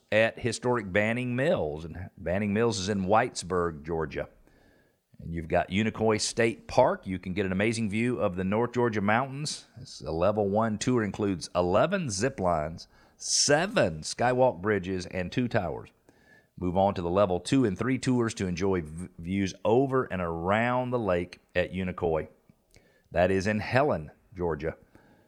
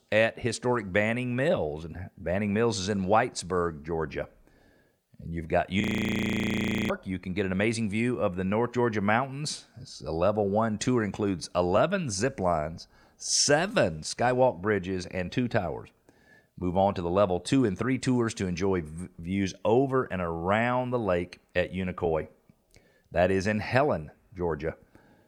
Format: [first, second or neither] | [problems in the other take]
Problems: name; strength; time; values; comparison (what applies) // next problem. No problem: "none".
first | audio freezing; at 6 s for 1 s